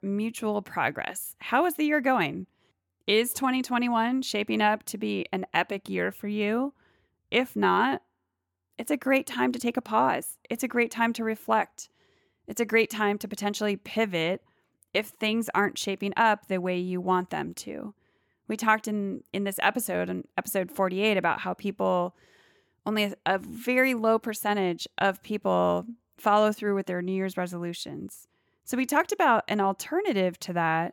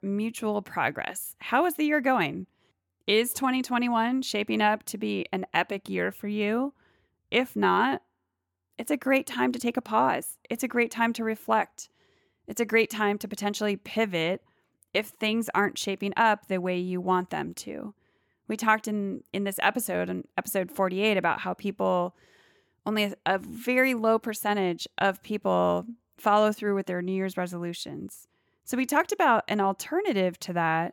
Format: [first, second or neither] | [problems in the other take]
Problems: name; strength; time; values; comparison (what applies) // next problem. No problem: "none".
neither | none